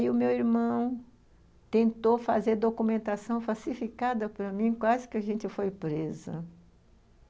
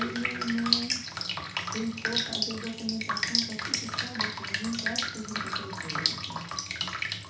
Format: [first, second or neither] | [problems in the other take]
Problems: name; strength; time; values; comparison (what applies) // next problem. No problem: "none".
first | background sound (Drip); 5 dB above the speech // room echo; dies away in 0.9 s